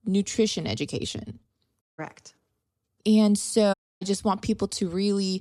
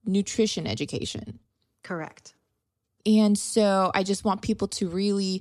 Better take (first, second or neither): second